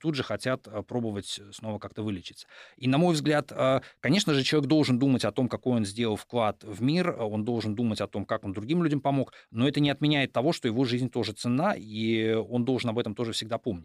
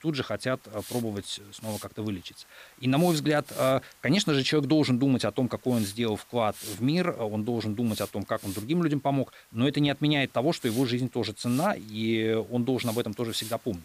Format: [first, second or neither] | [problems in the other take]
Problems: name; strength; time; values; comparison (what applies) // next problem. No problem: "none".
first | hiss; noticeable; throughout; 15 dB below the speech